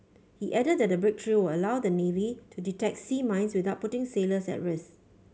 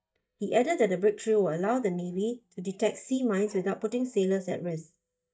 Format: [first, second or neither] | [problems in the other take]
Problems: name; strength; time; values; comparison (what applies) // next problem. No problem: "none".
first | noise reduction (neural mask model DeepFilterNet 3)